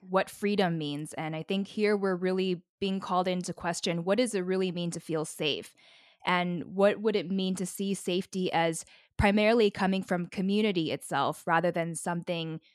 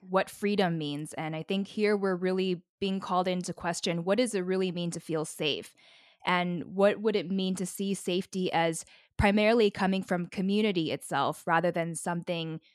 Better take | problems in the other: neither | none

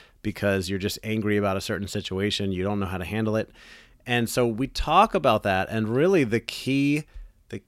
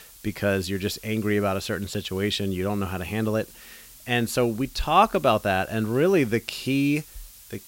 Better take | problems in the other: first | hiss; faint; throughout; 20 dB below the speech

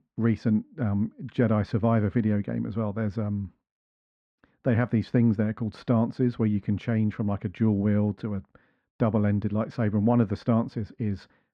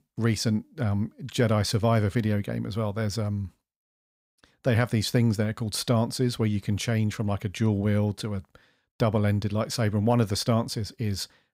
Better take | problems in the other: second | muffled; very; fading above 1.5 kHz

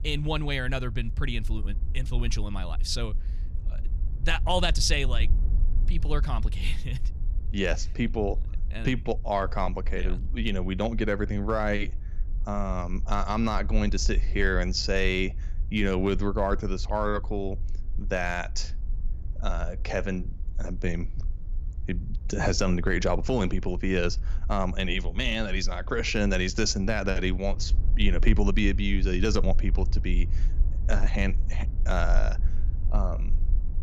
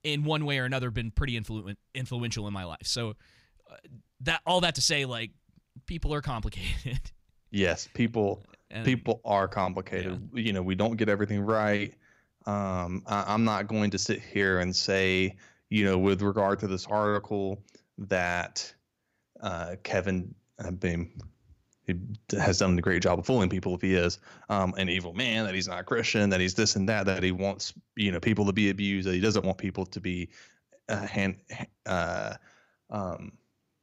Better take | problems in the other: second | low rumble; faint; throughout; 20 dB below the speech

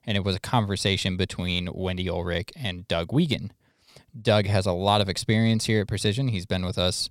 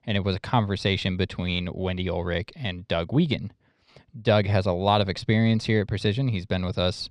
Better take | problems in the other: first | muffled; very slightly; fading above 3.5 kHz

